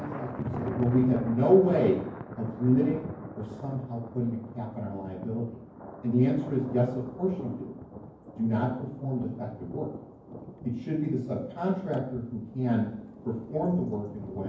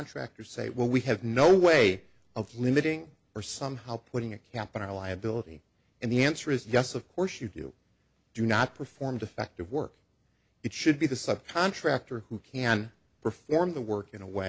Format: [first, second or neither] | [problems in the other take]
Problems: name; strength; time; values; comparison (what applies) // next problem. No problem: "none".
second | background sound (Thunder); 12 dB below the speech // room echo; dies away in 0.9 s